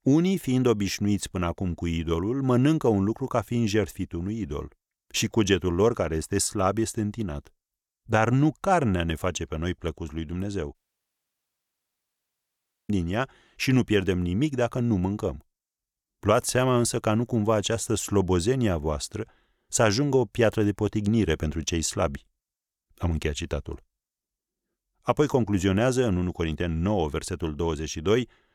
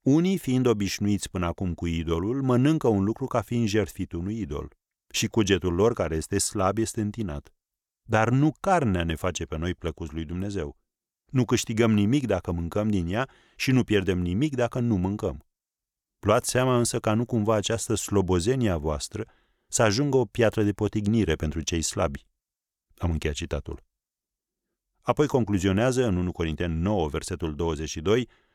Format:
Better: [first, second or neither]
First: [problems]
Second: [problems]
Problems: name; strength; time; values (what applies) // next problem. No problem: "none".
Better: second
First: audio cutting out; at 11 s for 2 s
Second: none